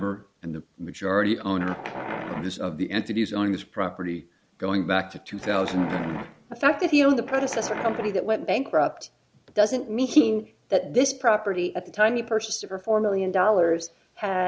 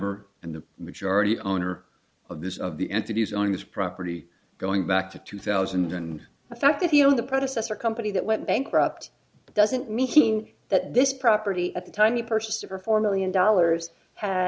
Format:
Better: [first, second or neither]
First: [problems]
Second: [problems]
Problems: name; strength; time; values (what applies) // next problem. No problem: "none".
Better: second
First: background sound (Wild animals); 11 dB below the speech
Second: none